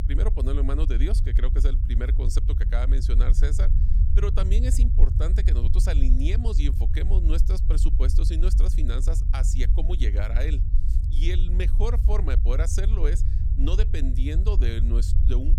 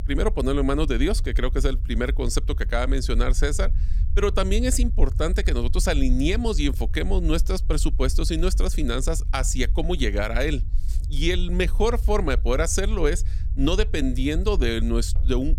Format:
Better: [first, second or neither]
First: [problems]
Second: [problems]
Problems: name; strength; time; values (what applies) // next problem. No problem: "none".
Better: second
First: low rumble; loud; throughout; 7 dB below the speech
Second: low rumble; faint; throughout; 20 dB below the speech